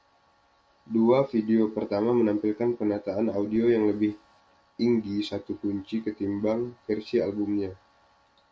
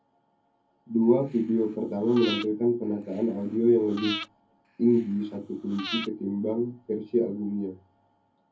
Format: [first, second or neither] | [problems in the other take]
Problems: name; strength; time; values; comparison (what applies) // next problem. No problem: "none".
first | background sound (Breathing); 13 dB below the speech // room echo; dies away in 0.3 s